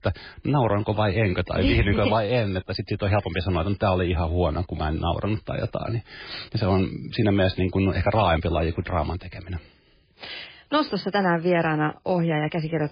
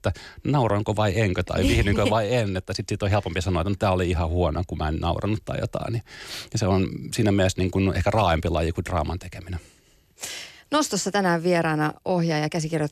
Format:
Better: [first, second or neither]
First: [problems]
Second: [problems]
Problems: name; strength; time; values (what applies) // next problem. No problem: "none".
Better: second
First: garbled, watery; badly; nothing above 4.5 kHz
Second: none